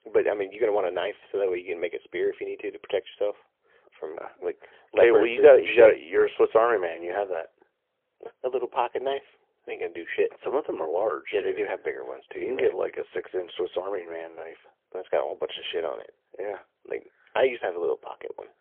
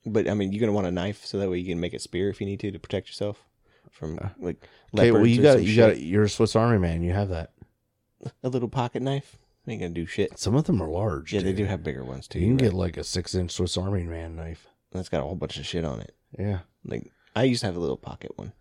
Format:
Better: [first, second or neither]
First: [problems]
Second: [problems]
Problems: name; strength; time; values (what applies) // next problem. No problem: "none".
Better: second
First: phone-call audio; poor line; nothing above 3.5 kHz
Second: none